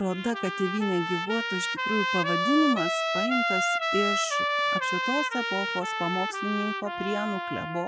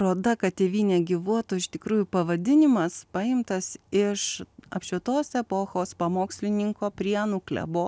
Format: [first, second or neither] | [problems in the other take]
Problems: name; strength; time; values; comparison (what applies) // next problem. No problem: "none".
second | noise reduction (classical method log-MMSE)